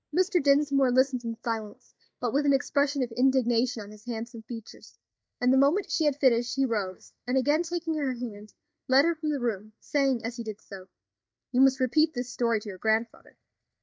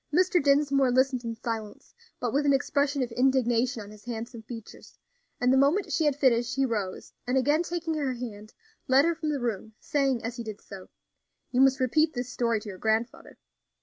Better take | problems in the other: second | noise reduction (neural mask model DeepFilterNet 3)

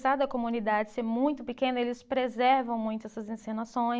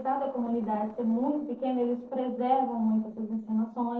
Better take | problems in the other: first | noise reduction (neural separator model SepFormer DNS4)

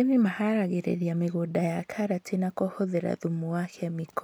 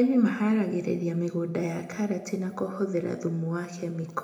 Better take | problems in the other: first | room echo; dies away in 0.6 s

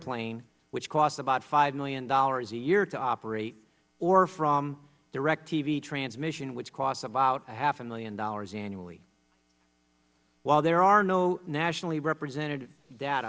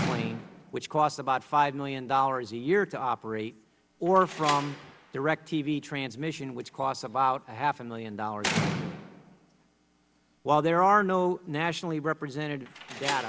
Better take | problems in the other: first | background sound (Slam); 11 dB below the speech

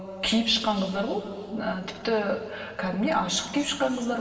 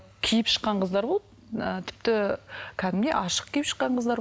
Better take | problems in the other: second | room echo; dies away in 2.8 s

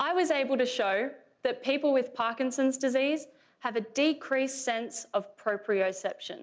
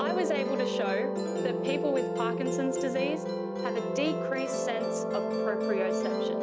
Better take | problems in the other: first | background sound (Musical instrument); 3 dB above the speech

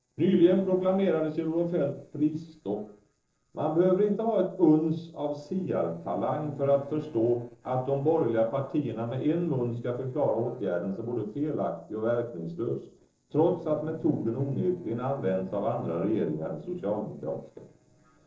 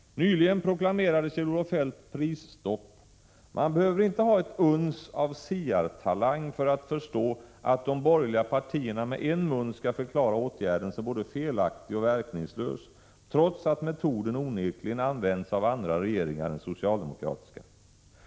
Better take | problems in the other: second | noise reduction (neural separator model SepFormer DNS4)

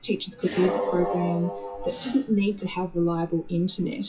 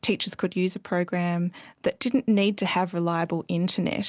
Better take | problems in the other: second | noise reduction (classical method WPE with log-MMSE)

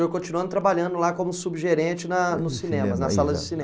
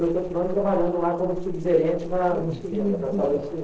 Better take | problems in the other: first | noise reduction (neural separator model SepFormer DNS4)

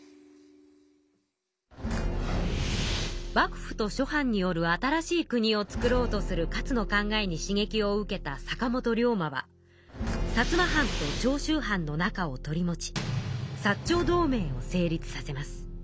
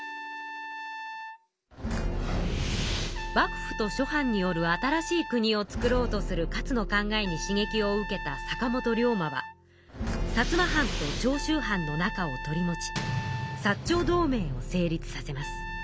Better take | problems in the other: first | background sound (Trumpet); 12 dB below the speech

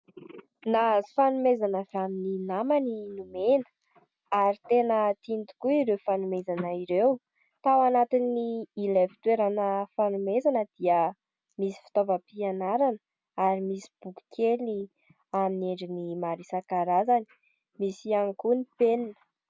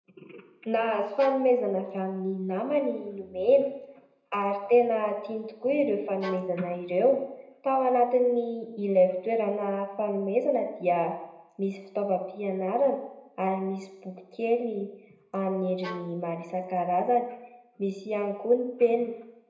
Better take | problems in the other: first | background sound (Bowed string instrument); 16 dB below the speech // room echo; dies away in 0.8 s

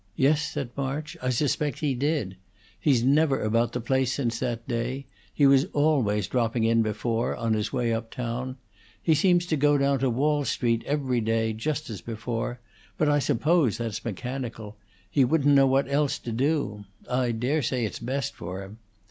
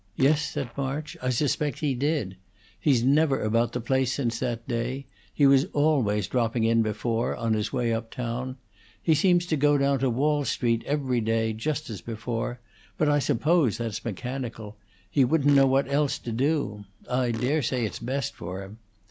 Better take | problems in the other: first | background sound (Fart); 17 dB below the speech

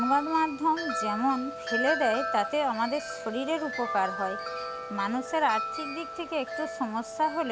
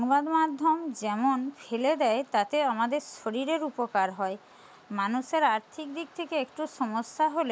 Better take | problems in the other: second | background sound (Wind chime); 5 dB below the speech

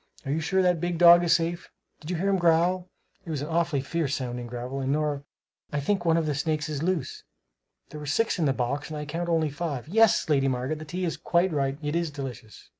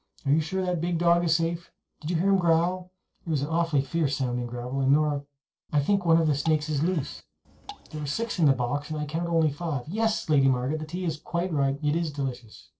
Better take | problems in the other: first | noise reduction (neural separator model SepFormer DNS4)

